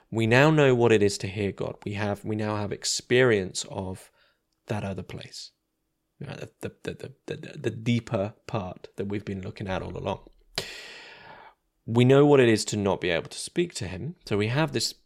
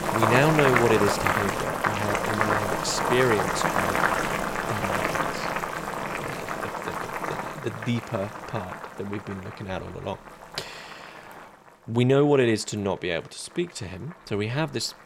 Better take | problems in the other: first | household noises; very loud; throughout; as loud as the speech

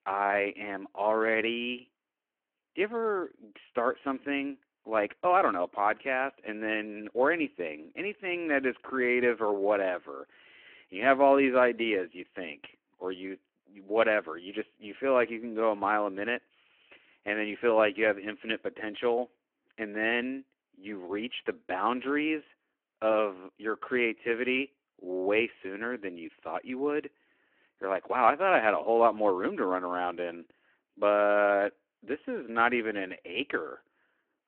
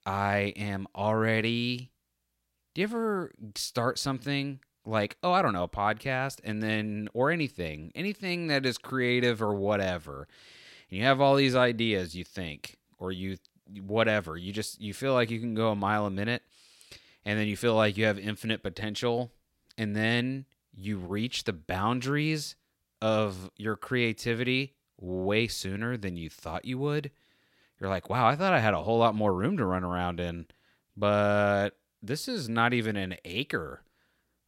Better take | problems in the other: second | phone-call audio

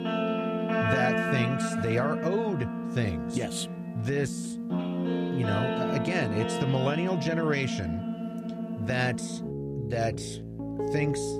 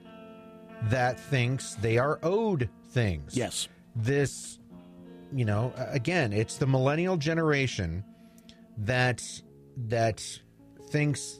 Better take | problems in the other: second | background music; loud; throughout; 1 dB below the speech; faint in the second

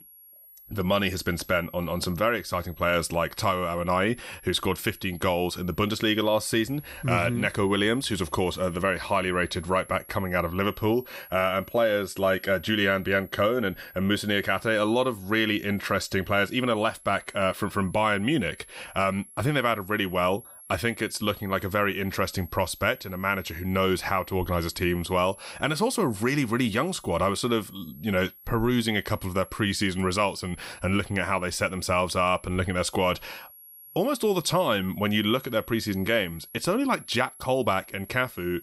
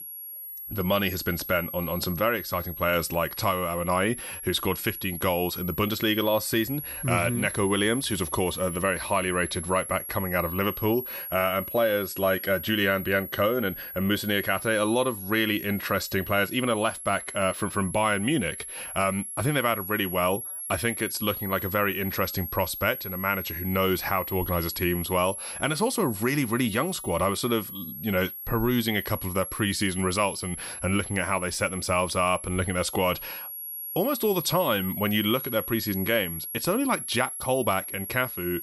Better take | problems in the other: first | high-pitched whine; loud; throughout; 11 kHz, 8 dB below the speech; faint in the first

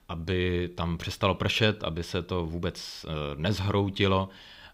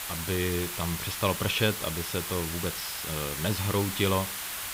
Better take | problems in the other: first | hiss; loud; throughout; 3 dB below the speech

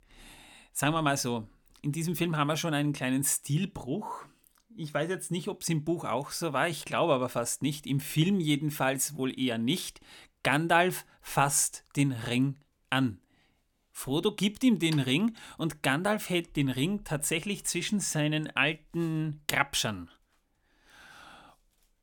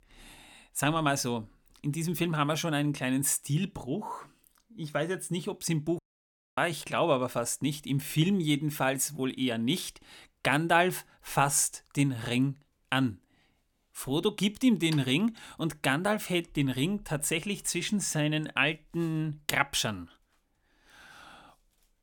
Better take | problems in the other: first | audio cutting out; at 6 s for 0.5 s

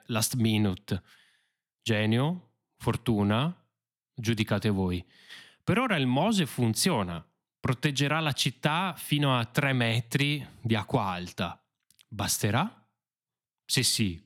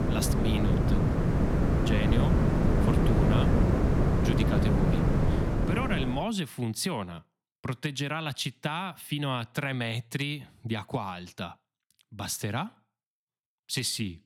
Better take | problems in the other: first | wind noise on the microphone; heavy; until 6 s; 2 dB above the speech

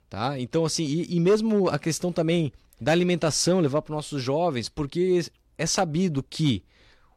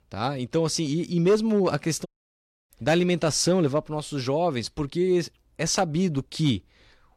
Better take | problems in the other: first | audio cutting out; at 2 s for 0.5 s

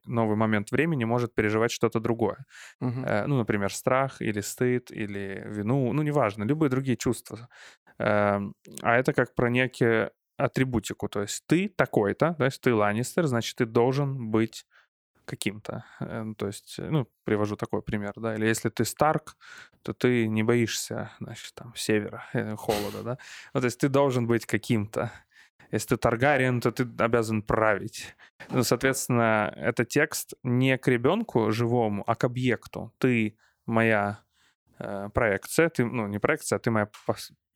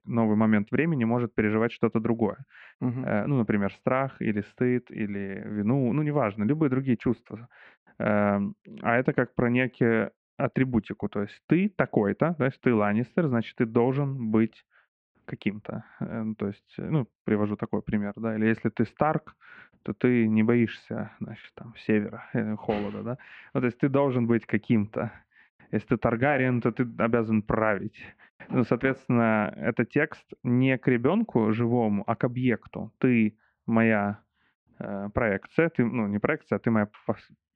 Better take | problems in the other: first | muffled; very; fading above 2.5 kHz

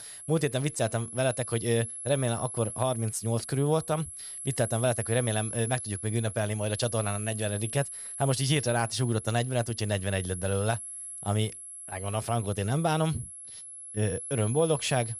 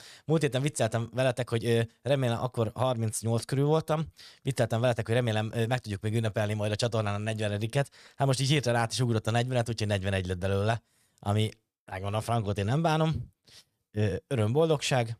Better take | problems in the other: second | high-pitched whine; loud; throughout; 11 kHz, 8 dB below the speech

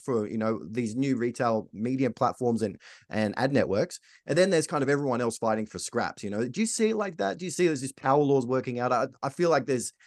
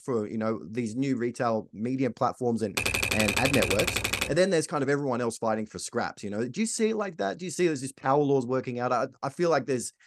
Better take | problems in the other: first | keyboard typing; loud; from 3 to 4.5 s; peak 3 dB above the speech

